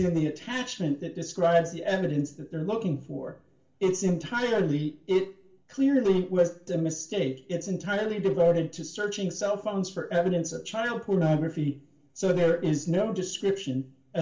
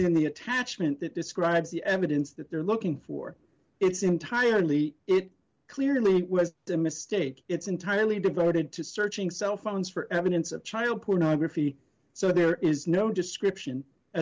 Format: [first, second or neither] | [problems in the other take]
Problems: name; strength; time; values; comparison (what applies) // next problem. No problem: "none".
second | room echo; dies away in 0.3 s